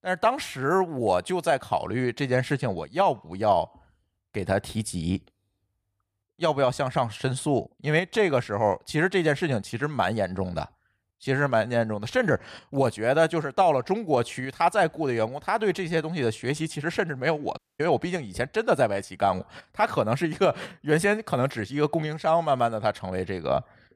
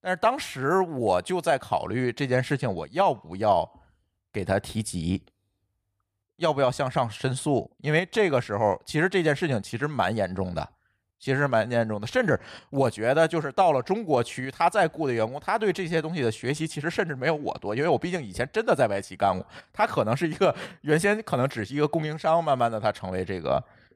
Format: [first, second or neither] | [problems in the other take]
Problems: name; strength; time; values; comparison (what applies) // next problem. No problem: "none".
second | audio cutting out; at 18 s